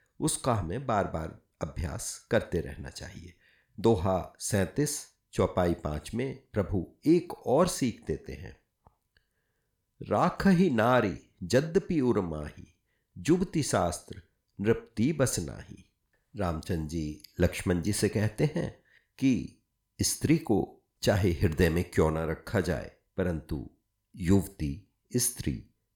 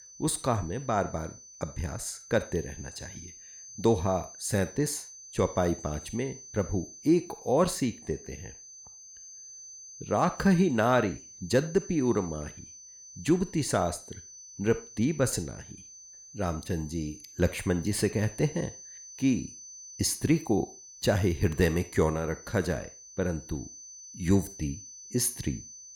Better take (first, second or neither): first